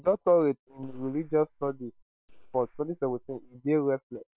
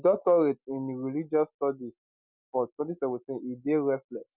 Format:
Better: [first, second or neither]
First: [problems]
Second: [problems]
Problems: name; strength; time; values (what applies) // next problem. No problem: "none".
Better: second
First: noise reduction (neural separator model SepFormer WHAM!)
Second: none